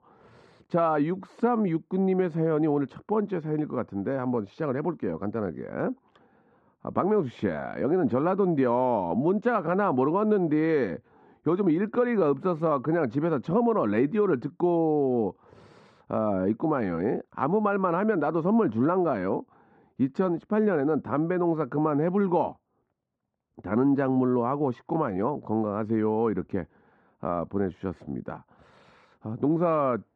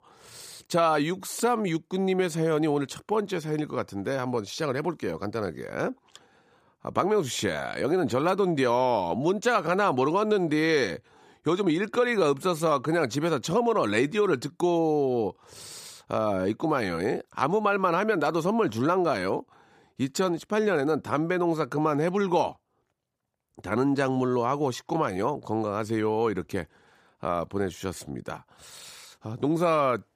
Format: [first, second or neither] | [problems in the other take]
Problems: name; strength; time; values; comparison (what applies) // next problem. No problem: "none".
second | muffled; very; fading above 1.5 kHz